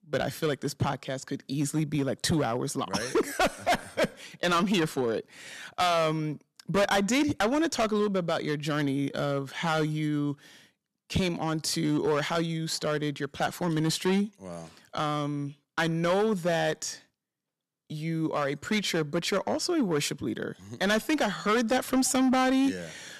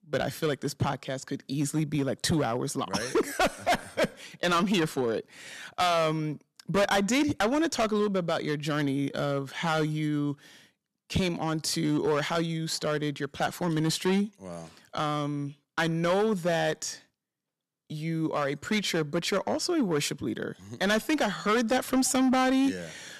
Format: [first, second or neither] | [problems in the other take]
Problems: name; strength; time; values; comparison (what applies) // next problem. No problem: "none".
neither | distortion; heavy; 7% of the sound clipped; the same in both